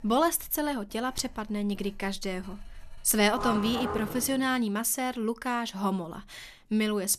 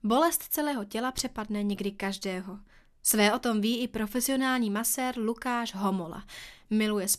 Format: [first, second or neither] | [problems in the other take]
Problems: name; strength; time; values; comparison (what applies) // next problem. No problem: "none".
second | household noises; loud; until 4.5 s; 7 dB below the speech